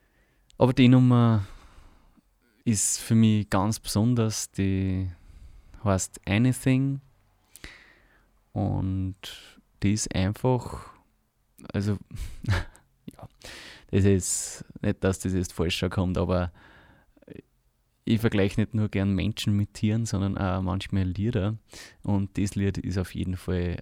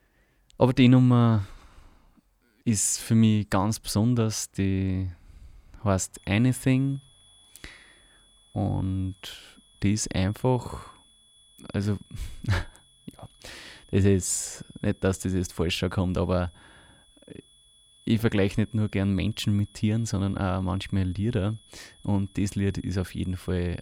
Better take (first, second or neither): first